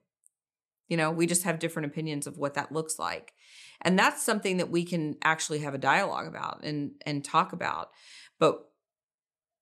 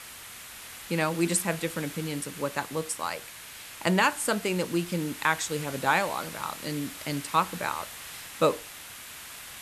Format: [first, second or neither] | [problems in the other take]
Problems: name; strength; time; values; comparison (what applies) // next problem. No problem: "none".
first | hiss; noticeable; throughout; 10 dB below the speech